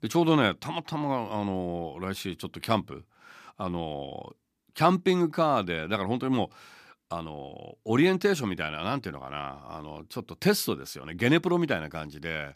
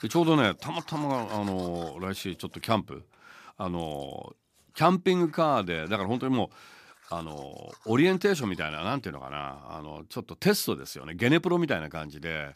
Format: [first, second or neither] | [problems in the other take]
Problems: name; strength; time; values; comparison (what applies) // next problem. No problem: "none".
first | household noises; faint; throughout; 25 dB below the speech